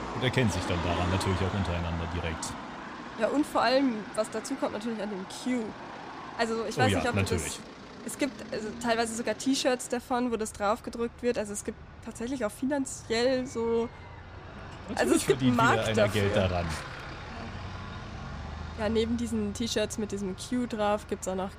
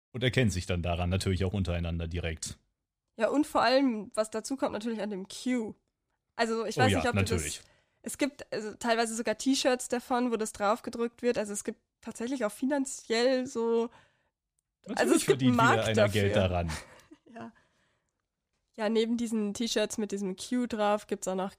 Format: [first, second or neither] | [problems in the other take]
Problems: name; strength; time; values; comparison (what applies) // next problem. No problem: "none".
second | traffic noise; noticeable; throughout; 10 dB below the speech